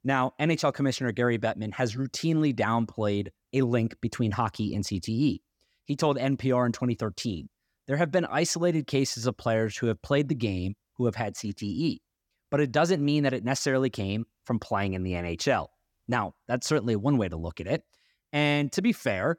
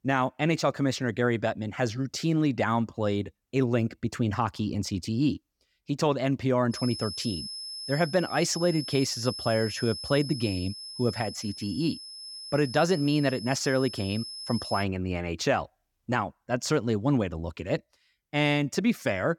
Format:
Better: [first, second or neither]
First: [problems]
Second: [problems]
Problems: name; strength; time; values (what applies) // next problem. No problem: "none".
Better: first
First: none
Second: high-pitched whine; loud; from 6.5 to 15 s; 5 kHz, 9 dB below the speech